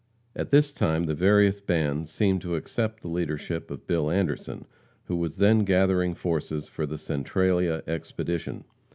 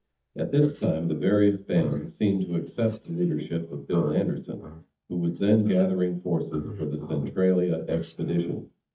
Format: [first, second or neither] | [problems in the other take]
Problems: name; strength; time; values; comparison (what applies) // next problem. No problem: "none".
first | noise reduction (neural mask model DeepFilterNet 3)